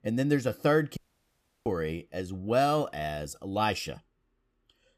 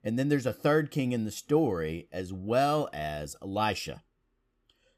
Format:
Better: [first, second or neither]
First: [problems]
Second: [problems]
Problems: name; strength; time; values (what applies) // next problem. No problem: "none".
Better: second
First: audio cutting out; at 1 s for 0.5 s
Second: none